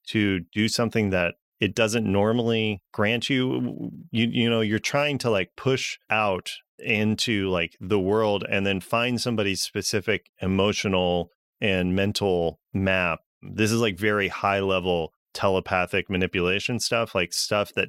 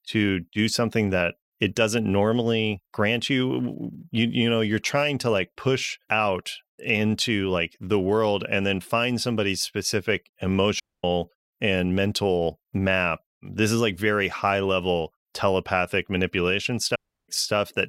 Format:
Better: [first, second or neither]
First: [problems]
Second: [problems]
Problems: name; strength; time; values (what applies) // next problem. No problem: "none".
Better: first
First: none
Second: audio cutting out; at 11 s and at 17 s